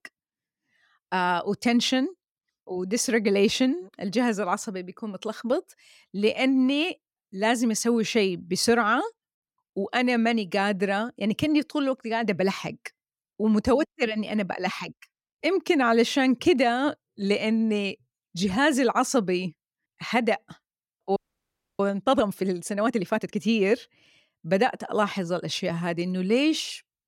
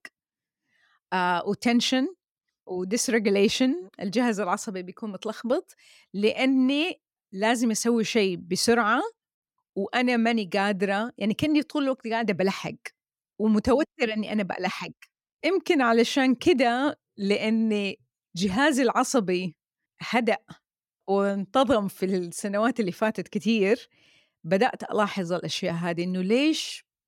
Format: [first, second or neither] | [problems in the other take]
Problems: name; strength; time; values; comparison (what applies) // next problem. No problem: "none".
second | audio freezing; at 21 s for 0.5 s